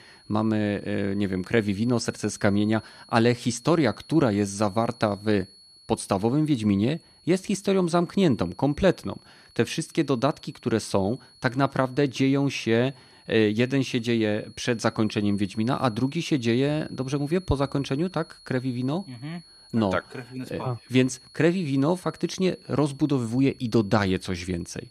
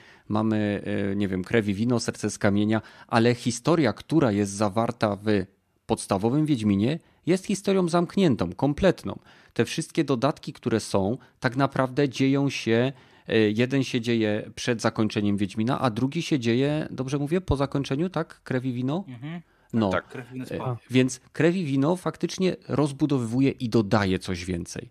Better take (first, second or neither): second